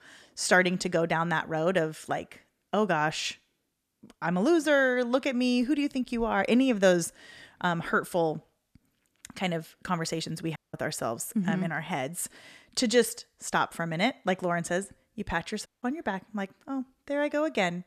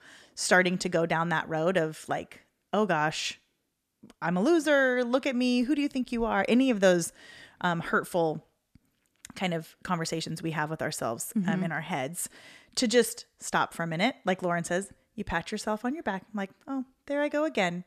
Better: second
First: audio cutting out; at 11 s and at 16 s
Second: none

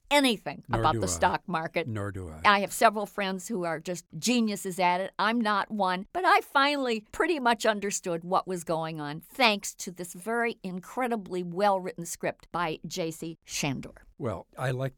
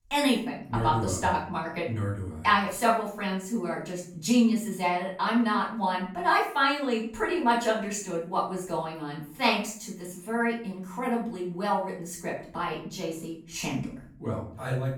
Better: first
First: none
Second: off-mic speech; far // room echo; noticeable; dies away in 0.5 s

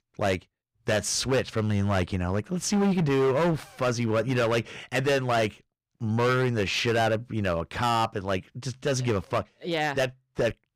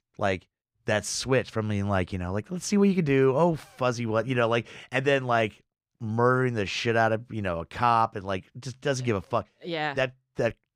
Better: second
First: distortion; heavy; 11% of the sound clipped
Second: none

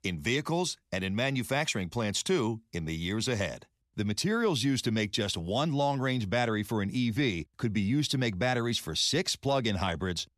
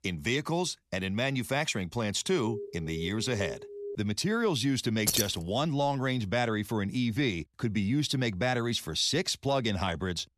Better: first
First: none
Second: alarm; faint; from 2.5 to 4 s; peak 10 dB below the speech // jangling keys; loud; at 5 s; peak 2 dB above the speech

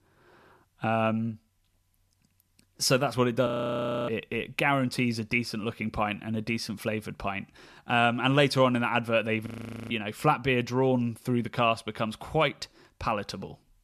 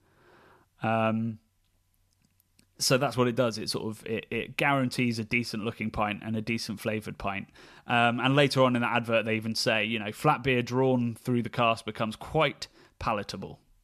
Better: second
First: audio freezing; at 3.5 s for 0.5 s and at 9.5 s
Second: none

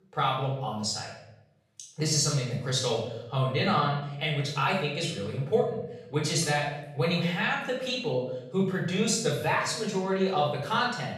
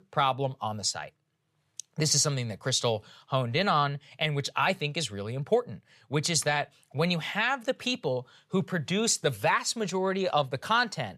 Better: second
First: off-mic speech; far // room echo; noticeable; dies away in 0.7 s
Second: none

